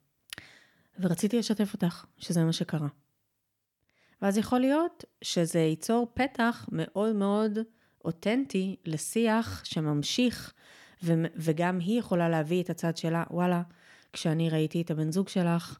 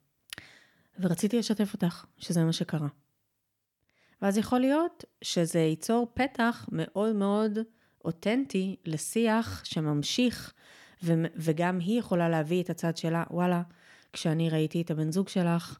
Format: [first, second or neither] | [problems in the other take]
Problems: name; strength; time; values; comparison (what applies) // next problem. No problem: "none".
neither | none